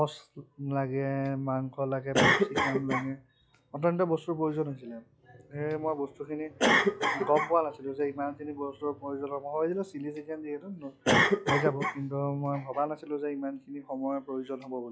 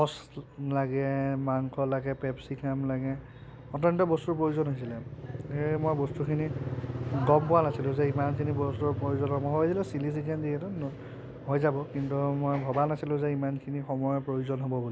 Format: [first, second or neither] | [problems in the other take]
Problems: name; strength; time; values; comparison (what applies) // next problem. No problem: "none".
second | noise reduction (classical method log-MMSE)